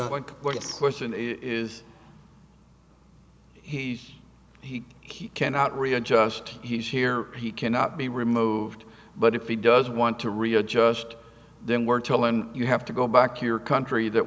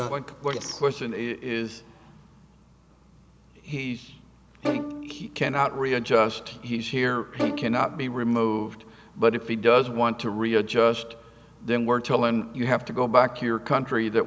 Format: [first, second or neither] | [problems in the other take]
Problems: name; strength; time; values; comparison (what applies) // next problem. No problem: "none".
first | background sound (Bowed string instrument); 9 dB below the speech